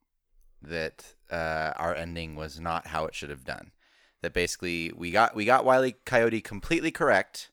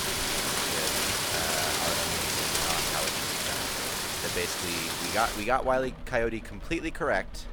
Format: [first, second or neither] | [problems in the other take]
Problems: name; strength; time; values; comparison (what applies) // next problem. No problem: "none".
first | rain or running water; very loud; throughout; 5 dB above the speech